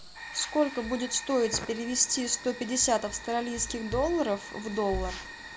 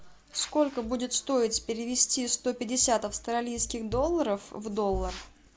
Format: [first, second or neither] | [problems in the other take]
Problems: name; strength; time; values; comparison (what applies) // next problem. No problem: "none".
second | background sound (Fire); 13 dB below the speech